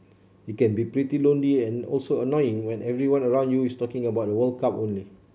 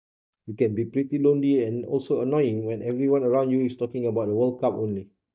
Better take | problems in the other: first | noise reduction (neural mask model DeepFilterNet 3)

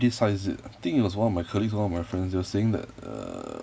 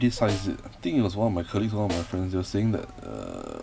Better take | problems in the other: first | background sound (Snare drum + Wild animals); 14 dB below the speech

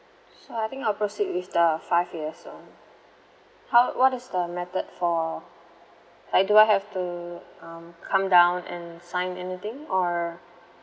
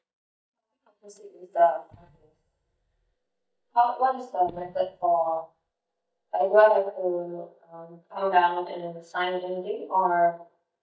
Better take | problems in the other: first | noise reduction (neural mask model DeepFilterNet 3)

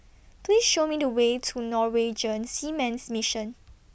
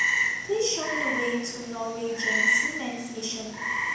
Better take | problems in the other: first | background sound (Frog); 3 dB above the speech // room echo; dies away in 1 s

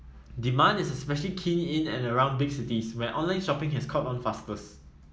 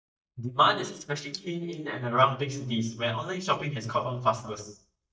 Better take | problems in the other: first | noise reduction (neural mask model DeepFilterNet 3)

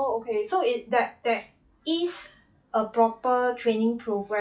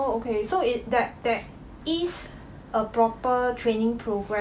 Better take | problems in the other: second | noise reduction (classical method log-MMSE)

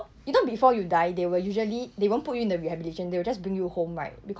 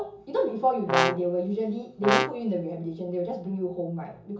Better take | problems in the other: first | background sound (Brass instrument); 1 dB above the speech // room echo; dies away in 0.6 s

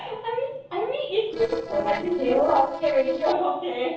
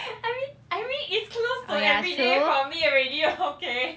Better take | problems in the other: second | noise reduction (neural separator model SepFormer DNS4)

